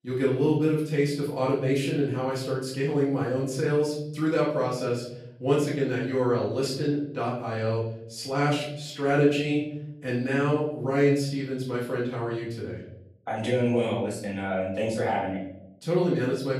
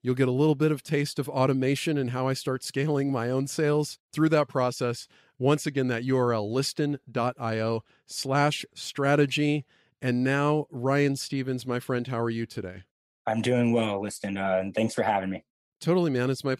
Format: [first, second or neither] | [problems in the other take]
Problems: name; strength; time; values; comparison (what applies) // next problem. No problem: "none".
second | off-mic speech; far // room echo; noticeable; dies away in 0.7 s